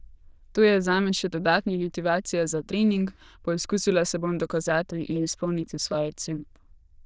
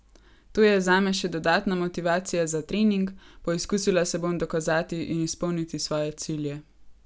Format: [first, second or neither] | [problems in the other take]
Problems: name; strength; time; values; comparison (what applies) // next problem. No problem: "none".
second | noise reduction (neural diffusion model UNIVERSE++)